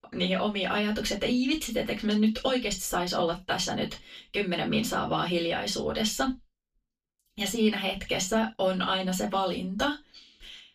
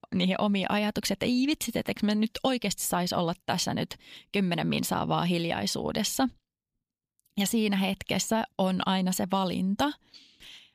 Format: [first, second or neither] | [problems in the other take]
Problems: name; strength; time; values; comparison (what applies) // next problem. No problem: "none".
second | room echo; very slight; dies away in 0.2 s // off-mic speech; far